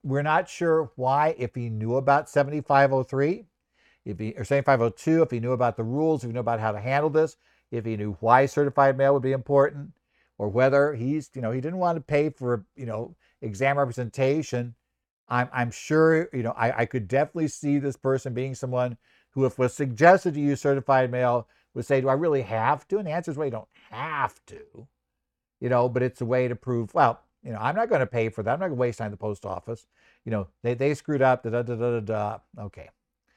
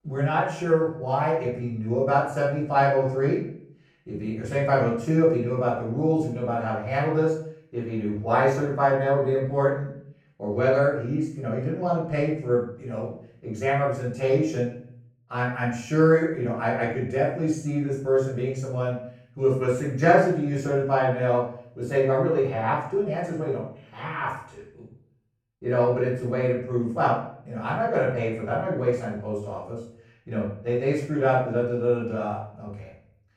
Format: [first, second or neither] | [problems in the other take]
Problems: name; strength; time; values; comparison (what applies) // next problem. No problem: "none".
first | off-mic speech; far // room echo; noticeable; dies away in 0.5 s